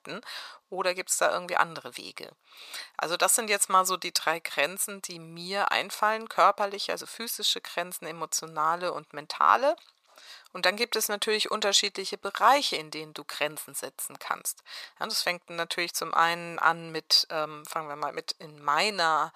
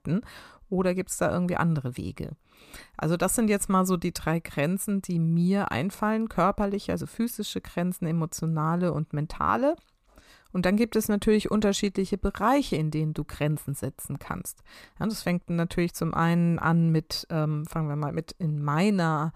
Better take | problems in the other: second | thin; very; fading below 750 Hz

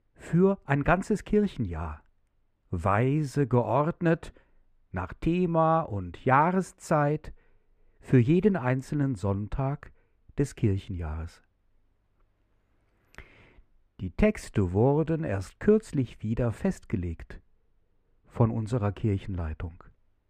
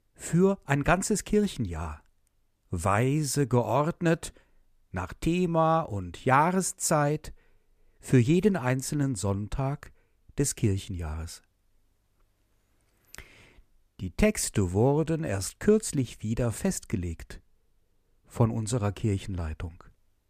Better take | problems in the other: second | muffled; very; fading above 4 kHz

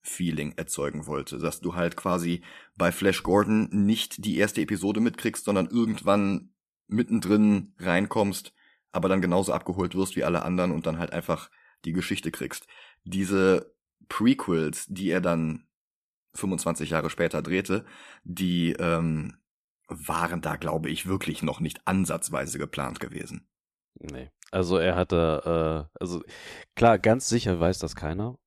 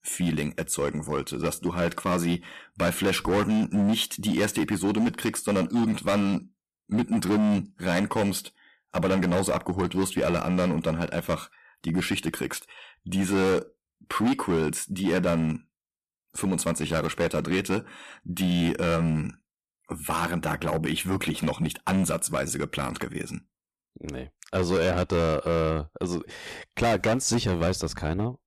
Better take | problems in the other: first | distortion; heavy; 11% of the sound clipped

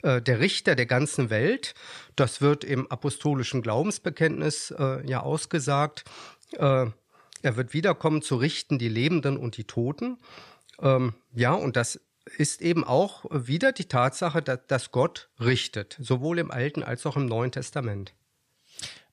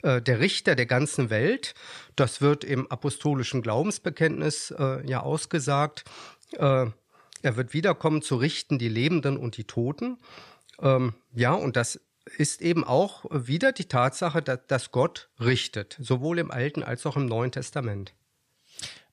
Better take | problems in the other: neither | none

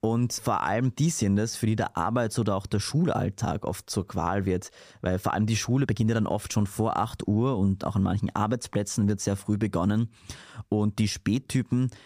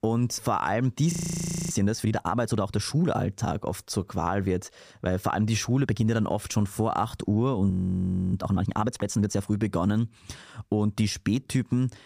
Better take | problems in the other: first | audio freezing; at 1 s for 0.5 s and at 7.5 s for 0.5 s

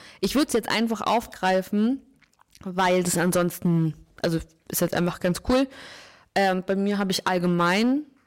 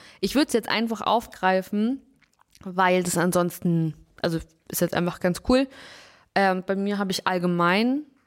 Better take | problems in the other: second | distortion; slight; 6% of the sound clipped

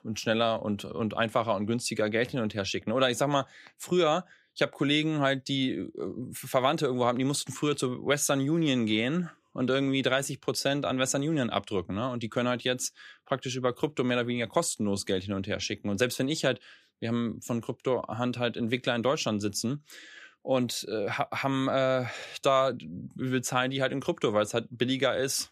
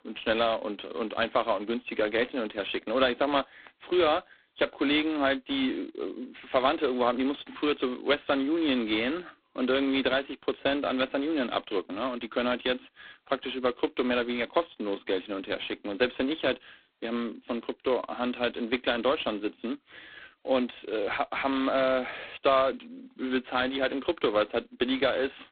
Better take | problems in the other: first | phone-call audio; poor line; nothing above 3.5 kHz

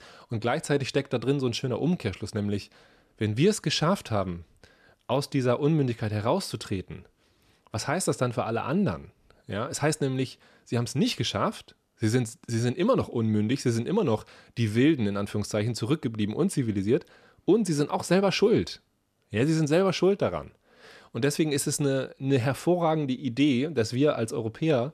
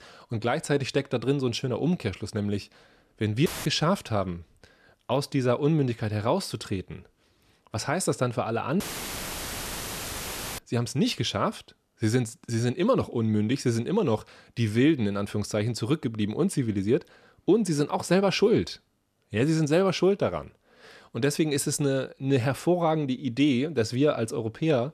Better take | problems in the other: first | audio cutting out; filled with static; at 3.5 s and at 9 s for 2 s

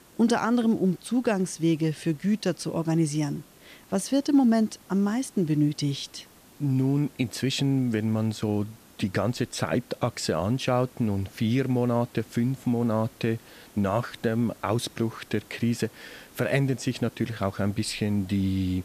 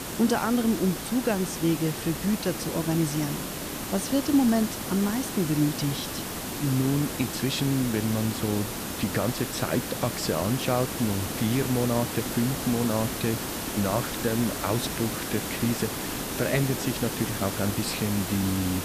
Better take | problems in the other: first | hiss; loud; throughout; 4 dB below the speech; faint in the first

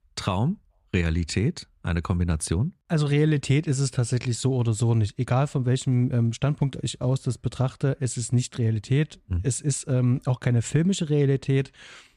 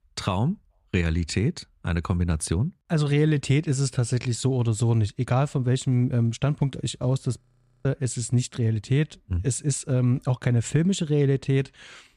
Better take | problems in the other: first | audio freezing; at 7.5 s

